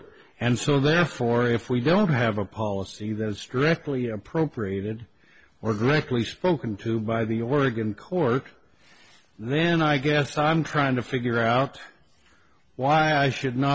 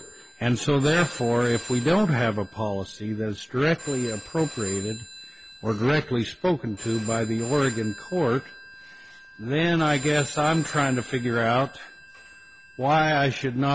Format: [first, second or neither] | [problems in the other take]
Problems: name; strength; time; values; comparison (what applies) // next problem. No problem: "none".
first | background sound (Telephone); 15 dB below the speech